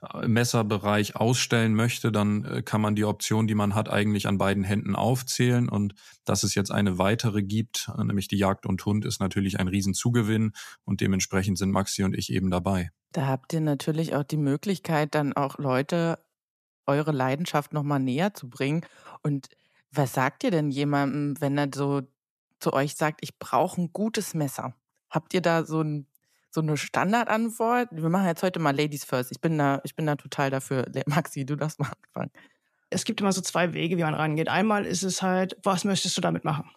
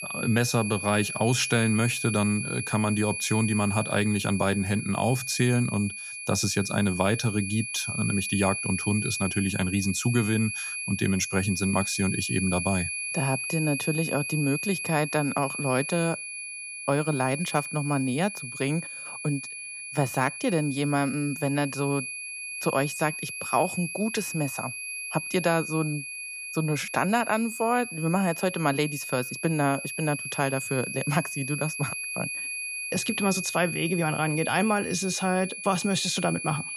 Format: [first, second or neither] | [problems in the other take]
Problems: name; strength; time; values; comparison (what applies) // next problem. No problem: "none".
first | high-pitched whine; loud; throughout; 2.5 kHz, 5 dB below the speech